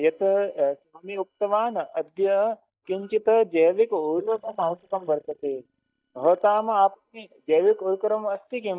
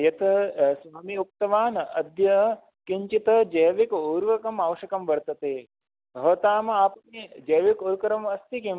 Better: second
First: noise reduction (neural mask model DeepFilterNet 3)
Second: none

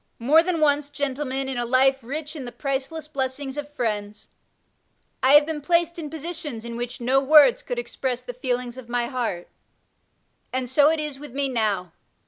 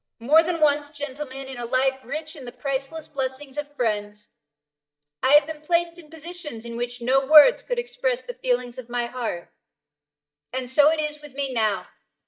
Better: first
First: none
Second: noise reduction (neural mask model DeepFilterNet 3)

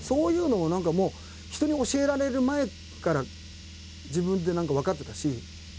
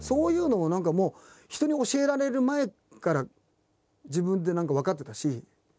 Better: second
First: background sound (Car); 16 dB below the speech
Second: none

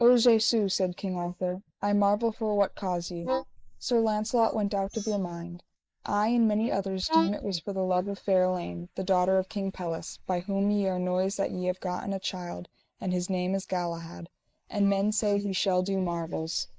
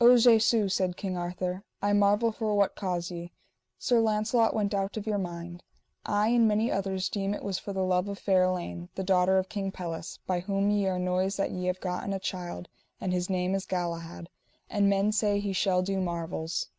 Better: second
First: noise reduction (neural mask model Resemble Enhance denoiser)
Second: none

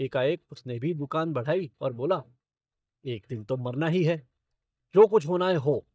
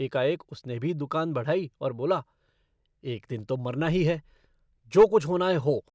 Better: second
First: noise reduction (neural mask model DeepFilterNet 3)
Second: none

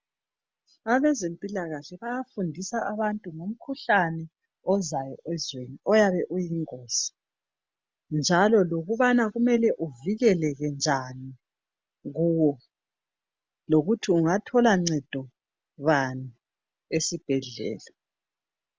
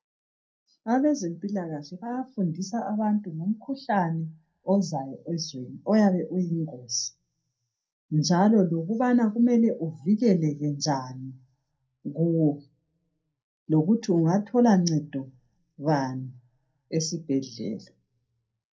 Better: first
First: none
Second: room echo; dies away in 0.2 s

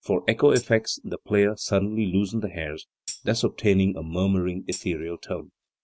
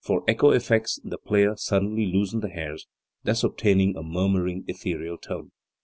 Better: second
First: noise reduction (neural mask model RNNoise)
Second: none

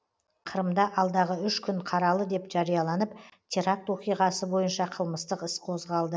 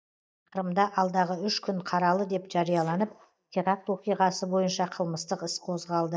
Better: first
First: none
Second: noise reduction (neural mask model DeepFilterNet 3)

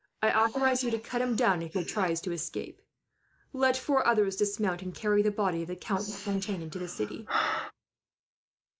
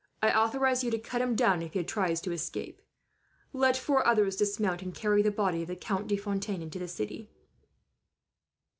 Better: second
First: noise reduction (neural mask model Resemble Enhance denoiser)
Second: none

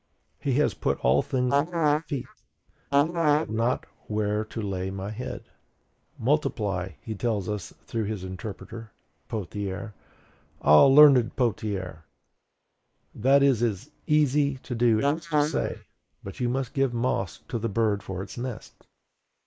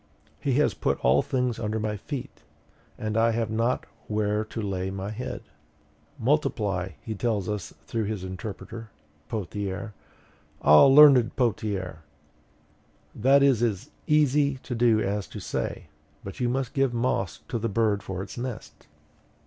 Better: second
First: noise reduction (neural mask model Resemble Enhance denoiser)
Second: none

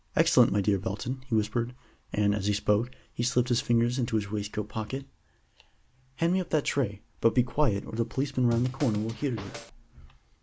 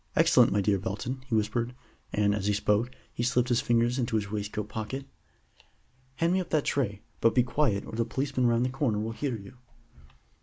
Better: second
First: background sound (Scratching (performance technique)); 13 dB below the speech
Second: none

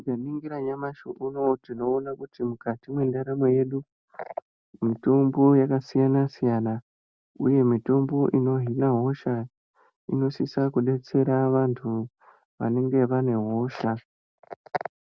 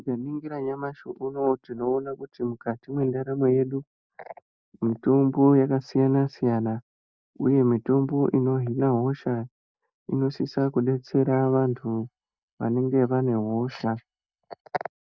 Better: first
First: none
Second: noise reduction (neural mask model DeepFilterNet 3)

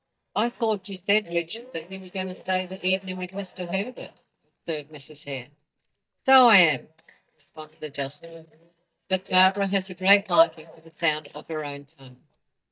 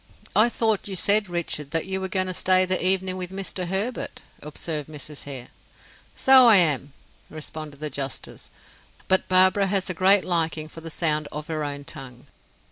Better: second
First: noise reduction (neural mask model DeepFilterNet 3)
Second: none

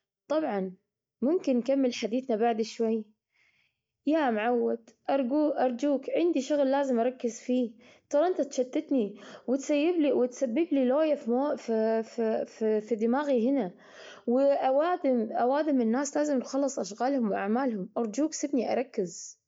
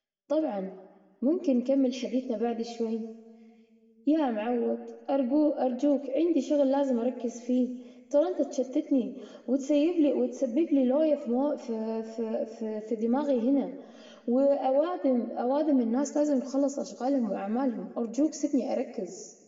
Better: first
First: none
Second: room echo; dies away in 1.4 s

